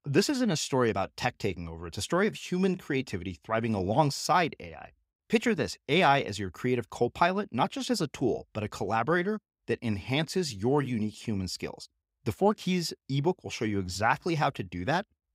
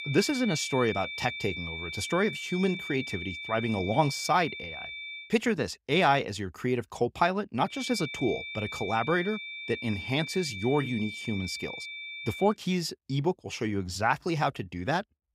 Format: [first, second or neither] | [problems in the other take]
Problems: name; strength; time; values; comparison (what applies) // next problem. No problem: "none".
first | high-pitched whine; loud; until 5 s and from 7.5 to 12 s; 2.5 kHz, 7 dB below the speech